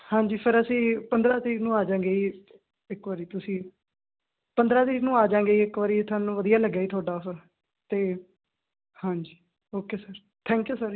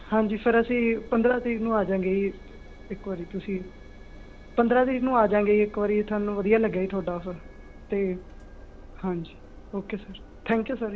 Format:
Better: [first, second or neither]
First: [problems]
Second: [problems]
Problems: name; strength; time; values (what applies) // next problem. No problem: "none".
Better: first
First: none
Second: background sound (Engine); 18 dB below the speech